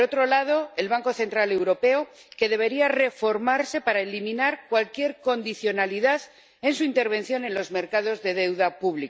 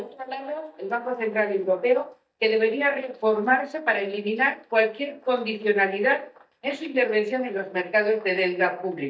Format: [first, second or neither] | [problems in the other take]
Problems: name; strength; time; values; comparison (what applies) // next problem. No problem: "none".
first | noise reduction (neural mask model DeepFilterNet 3)